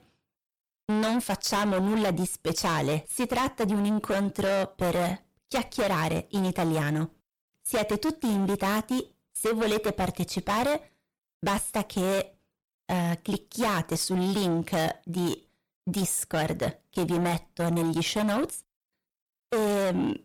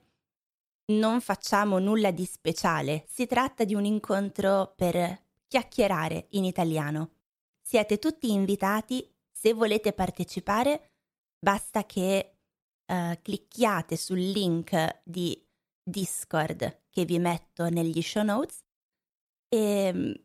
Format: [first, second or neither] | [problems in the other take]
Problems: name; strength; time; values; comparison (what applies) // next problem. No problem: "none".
second | distortion; heavy; 5 dB below the speech